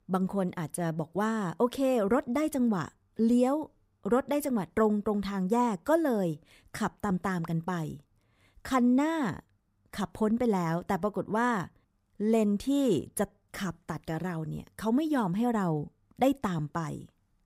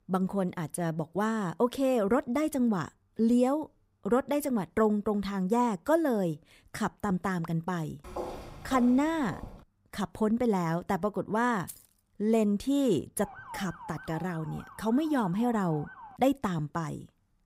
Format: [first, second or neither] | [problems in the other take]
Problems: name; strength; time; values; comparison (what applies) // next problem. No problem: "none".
first | footsteps; noticeable; from 8 to 9.5 s; peak 9 dB below the speech // jangling keys; faint; at 12 s; peak 15 dB below the speech // siren; faint; from 13 to 16 s; peak 15 dB below the speech